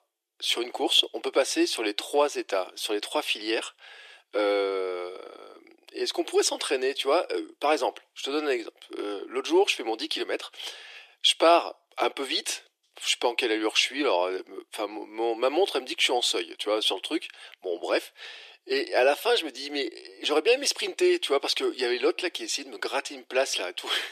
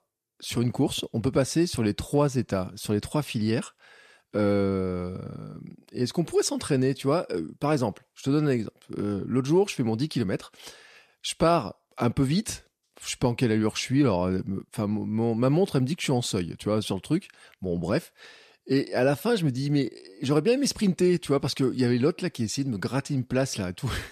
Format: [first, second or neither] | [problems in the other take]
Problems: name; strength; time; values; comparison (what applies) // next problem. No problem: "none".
second | thin; very; fading below 350 Hz